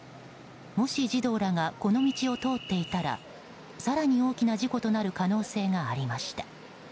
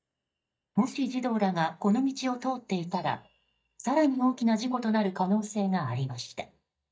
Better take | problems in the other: first | noise reduction (neural mask model DeepFilterNet 3)

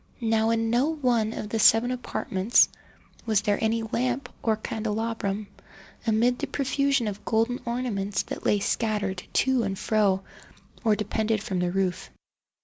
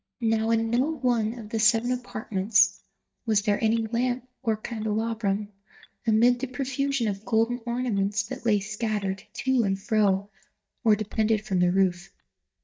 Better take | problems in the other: first | noise reduction (neural mask model DeepFilterNet 3)

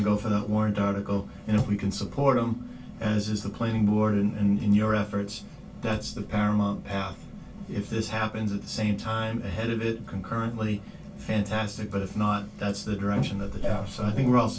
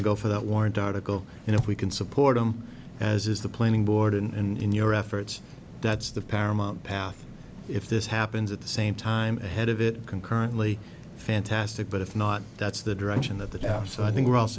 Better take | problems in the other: second | room echo; dies away in 0.2 s

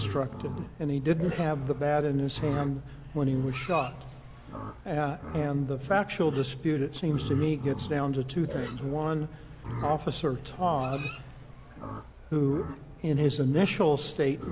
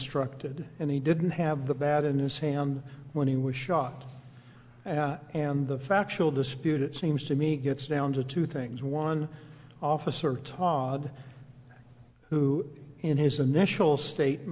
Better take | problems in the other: second | background sound (Livestock, farm animals, working animals); 11 dB below the speech

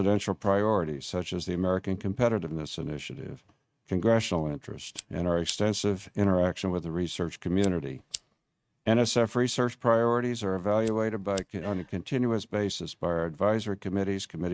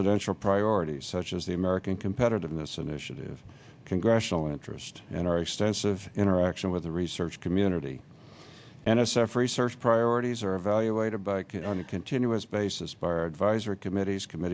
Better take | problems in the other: second | noise reduction (neural mask model RNNoise)

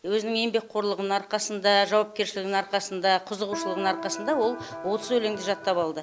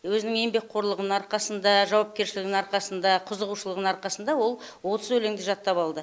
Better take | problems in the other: second | background sound (Electric guitar); 10 dB below the speech

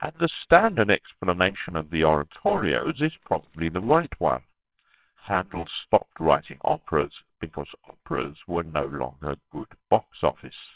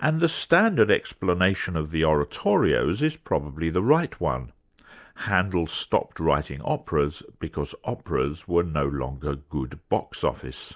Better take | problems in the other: second | noise reduction (neural separator model SepFormer WHAMR!)

